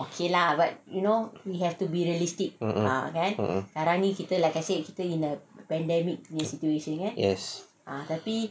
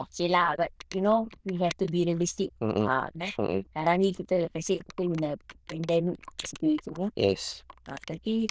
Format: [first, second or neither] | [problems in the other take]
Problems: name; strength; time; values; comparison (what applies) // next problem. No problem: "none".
first | noise reduction (neural diffusion model UNIVERSE++)